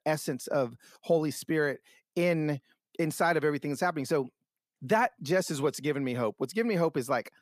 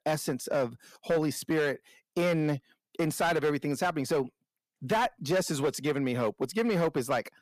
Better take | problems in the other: first | distortion; slight; 8% of the sound clipped

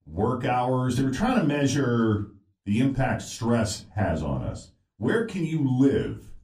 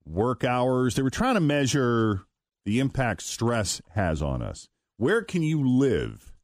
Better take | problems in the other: second | off-mic speech; far // room echo; very slight; dies away in 0.3 s

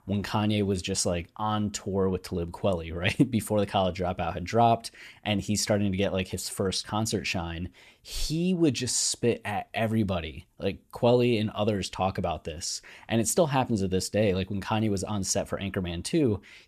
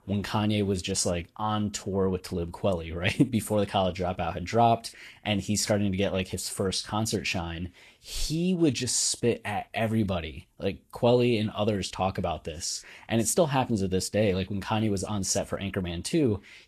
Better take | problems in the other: first | garbled, watery; slightly; nothing above 12.5 kHz

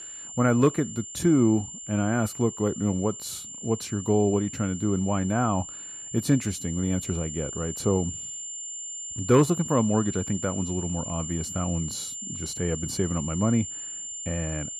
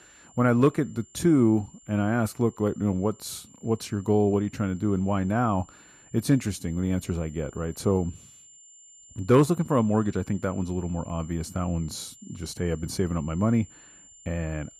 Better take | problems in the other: second | high-pitched whine; loud; throughout; 7 kHz, 8 dB below the speech; faint in the second

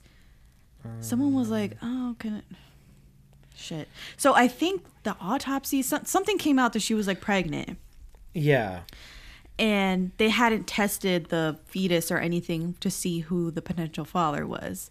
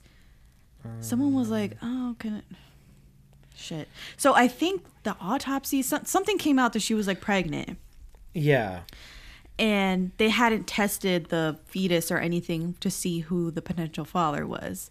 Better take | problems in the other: neither | none

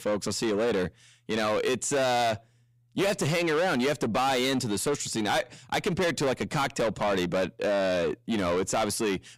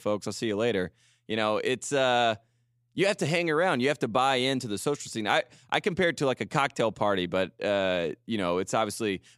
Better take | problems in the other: second | distortion; heavy; 6 dB below the speech

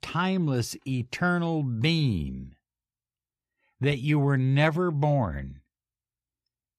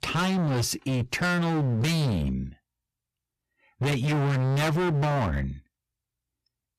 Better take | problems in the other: first | distortion; heavy; 28% of the sound clipped

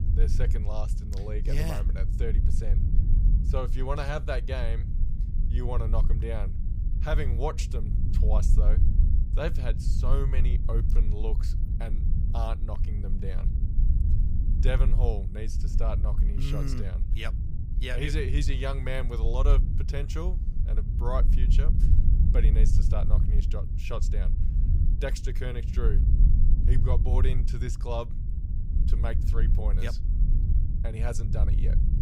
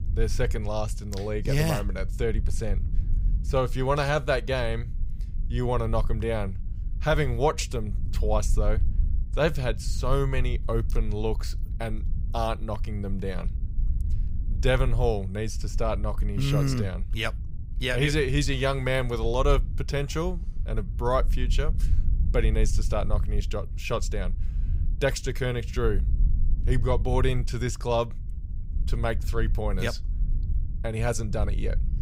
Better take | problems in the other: second | low rumble; loud; throughout; 8 dB below the speech; faint in the second

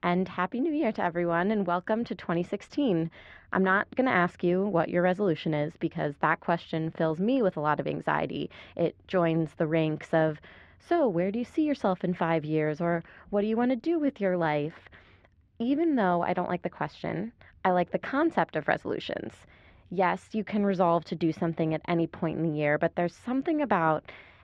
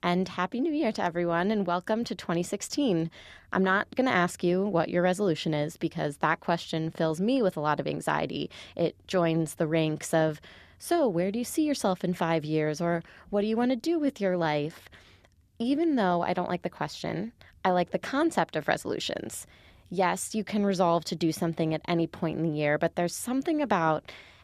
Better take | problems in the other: second | muffled; slightly; fading above 2 kHz

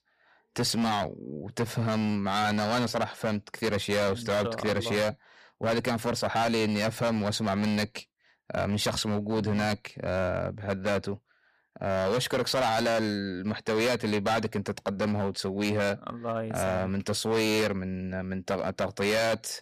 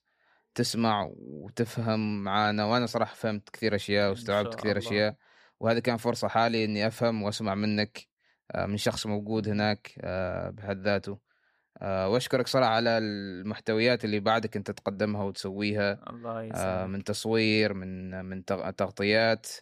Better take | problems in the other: second | distortion; heavy; 13% of the sound clipped

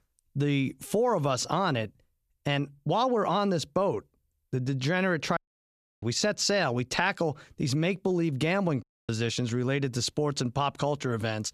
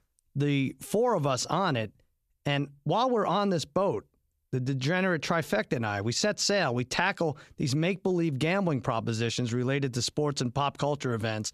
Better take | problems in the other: second | audio cutting out; at 5.5 s for 0.5 s and at 9 s

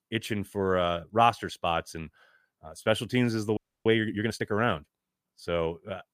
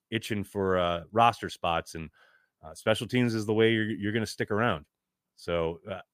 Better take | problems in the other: second | audio freezing; at 3.5 s

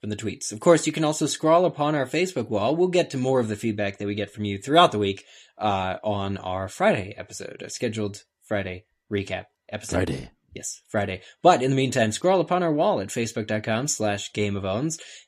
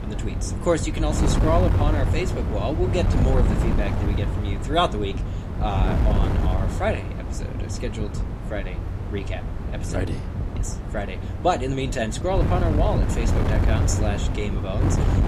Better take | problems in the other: first | wind noise on the microphone; heavy; 6 dB below the speech

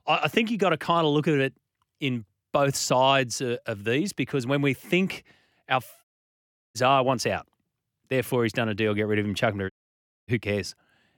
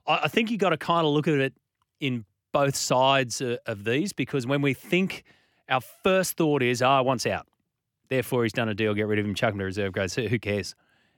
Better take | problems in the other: second | audio cutting out; at 6 s for 0.5 s and at 9.5 s for 0.5 s

